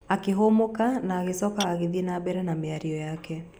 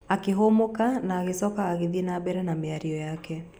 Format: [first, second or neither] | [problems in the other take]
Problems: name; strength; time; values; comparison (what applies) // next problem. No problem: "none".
second | background sound (Tap / Glass); 15 dB below the speech